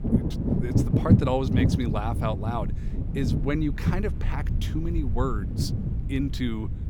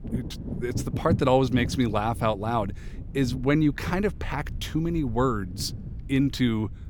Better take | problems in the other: second | wind noise on the microphone; heavy; 3 dB below the speech; occasional gusts in the second

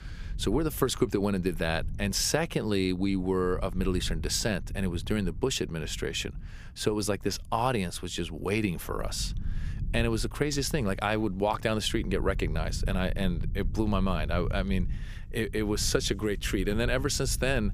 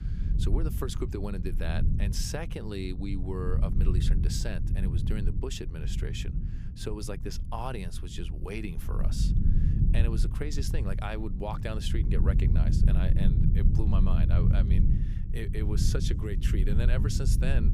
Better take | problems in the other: first | low rumble; loud; throughout; 4 dB below the speech; faint in the first

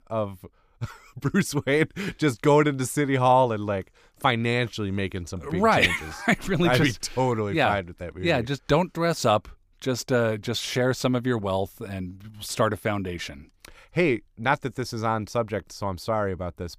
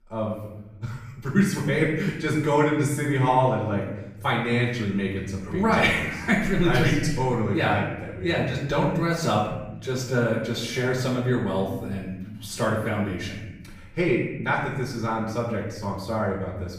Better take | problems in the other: first | off-mic speech; far // room echo; noticeable; dies away in 1 s

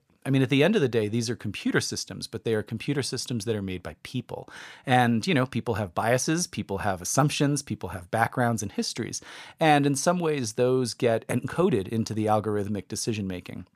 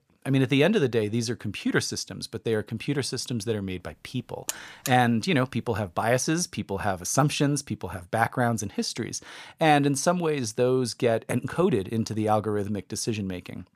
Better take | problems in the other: first | alarm; noticeable; at 4.5 s; peak 9 dB below the speech

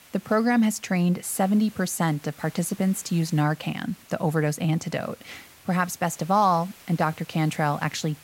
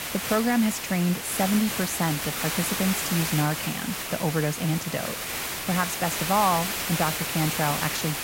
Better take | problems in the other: first | hiss; loud; throughout; 2 dB below the speech; faint in the first

